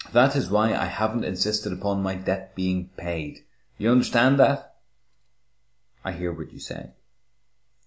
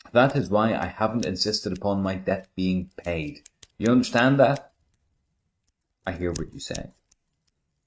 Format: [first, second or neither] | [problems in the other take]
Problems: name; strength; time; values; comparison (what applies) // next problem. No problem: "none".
first | noise reduction (neural mask model RNNoise)